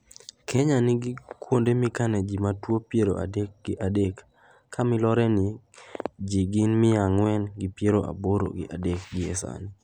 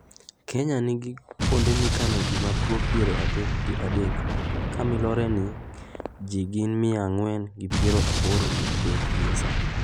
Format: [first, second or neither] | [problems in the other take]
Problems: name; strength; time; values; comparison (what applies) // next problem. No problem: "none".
first | background sound (Explosion); 2 dB above the speech